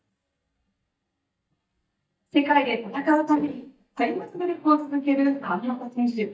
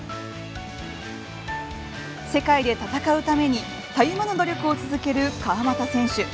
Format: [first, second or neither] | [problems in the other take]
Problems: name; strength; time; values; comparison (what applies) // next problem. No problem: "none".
second | noise reduction (neural mask model DeepFilterNet 3)